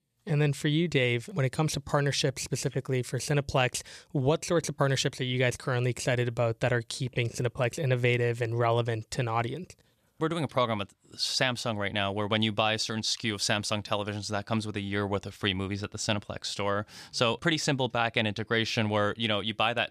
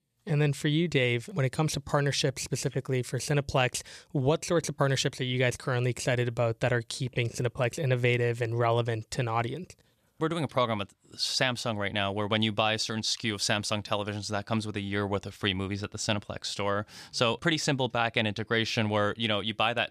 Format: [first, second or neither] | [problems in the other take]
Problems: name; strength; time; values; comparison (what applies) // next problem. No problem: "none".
neither | none